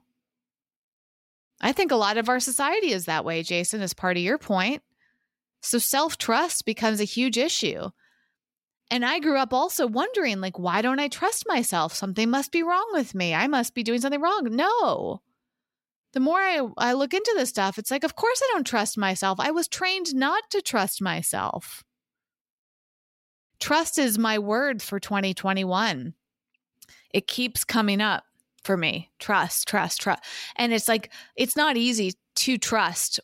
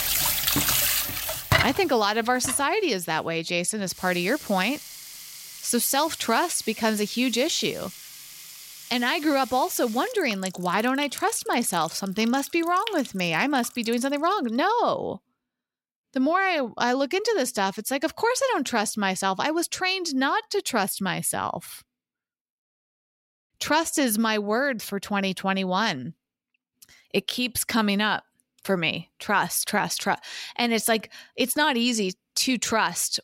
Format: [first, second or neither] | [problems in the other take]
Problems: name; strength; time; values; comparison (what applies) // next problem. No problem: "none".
first | household noises; loud; until 14 s; 4 dB below the speech